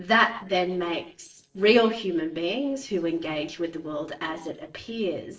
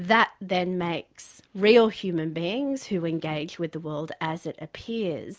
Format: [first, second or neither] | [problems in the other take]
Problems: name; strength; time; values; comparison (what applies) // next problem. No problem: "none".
second | noise reduction (neural separator model SepFormer DNS4)